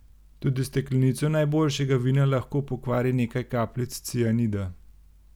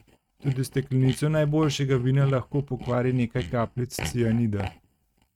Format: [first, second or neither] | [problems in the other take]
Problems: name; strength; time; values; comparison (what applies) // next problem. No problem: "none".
first | noise reduction (neural mask model RNNoise)